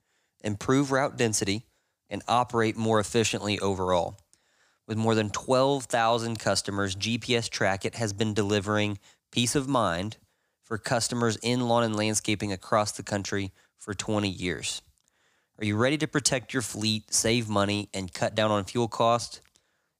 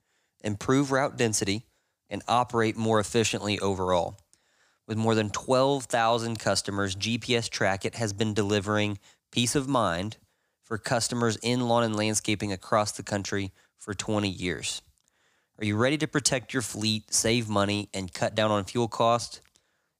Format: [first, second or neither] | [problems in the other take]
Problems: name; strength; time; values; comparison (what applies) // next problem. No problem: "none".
neither | none